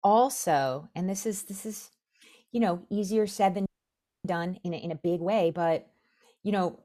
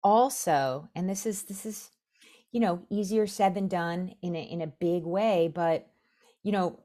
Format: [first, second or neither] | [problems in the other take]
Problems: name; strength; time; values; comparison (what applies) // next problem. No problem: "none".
second | audio freezing; at 3.5 s for 0.5 s